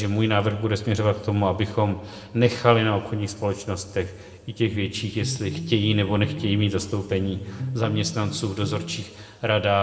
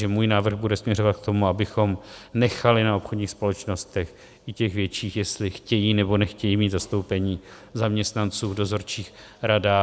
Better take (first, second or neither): second